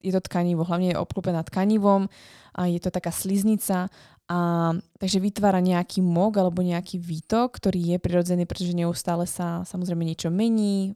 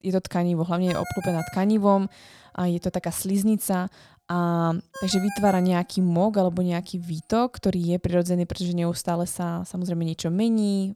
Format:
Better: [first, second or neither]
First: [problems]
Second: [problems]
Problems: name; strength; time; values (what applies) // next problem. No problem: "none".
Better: first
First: none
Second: phone ringing; faint; from 1 to 5.5 s; peak 10 dB below the speech